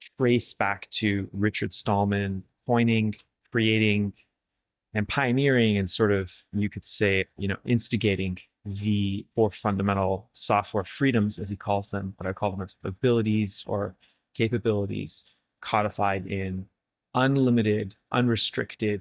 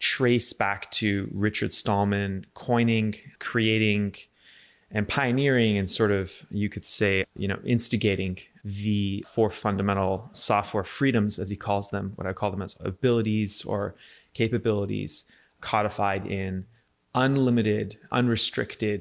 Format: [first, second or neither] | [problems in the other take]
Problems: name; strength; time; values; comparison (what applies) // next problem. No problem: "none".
second | noise reduction (neural mask model DeepFilterNet 3)